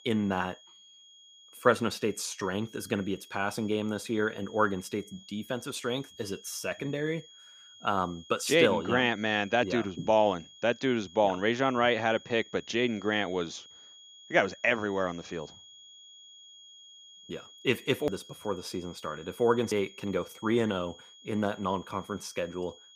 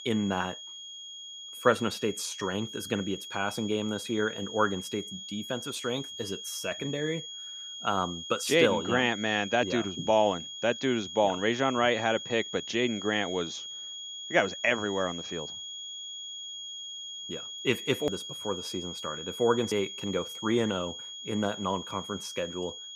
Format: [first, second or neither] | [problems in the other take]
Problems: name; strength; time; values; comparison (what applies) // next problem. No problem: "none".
first | high-pitched whine; loud; throughout; 3.5 kHz, 9 dB below the speech; faint in the first